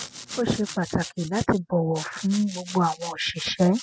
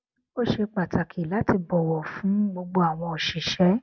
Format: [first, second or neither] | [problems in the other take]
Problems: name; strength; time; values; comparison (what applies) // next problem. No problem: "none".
second | noise reduction (classical method spectral subtraction)